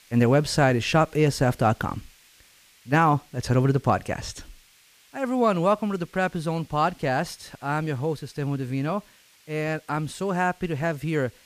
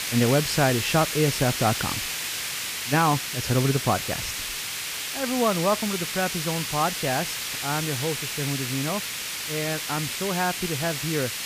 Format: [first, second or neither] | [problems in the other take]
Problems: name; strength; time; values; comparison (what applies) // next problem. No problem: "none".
first | hiss; loud; throughout; 2 dB below the speech; faint in the first